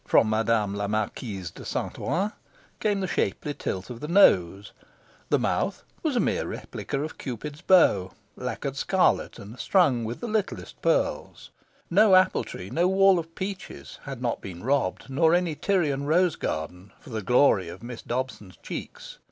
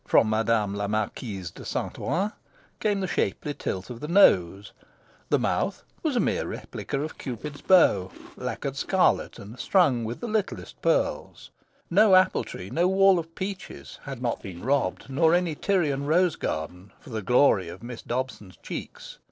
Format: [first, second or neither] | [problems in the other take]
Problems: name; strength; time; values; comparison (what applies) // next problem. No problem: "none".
first | noise reduction (neural separator model SepFormer DNS4)